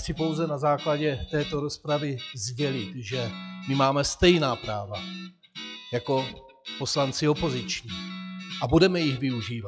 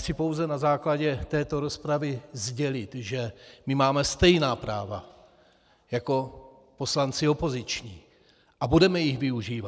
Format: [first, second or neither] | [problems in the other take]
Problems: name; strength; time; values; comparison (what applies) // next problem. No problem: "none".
second | noise reduction (classical method log-MMSE)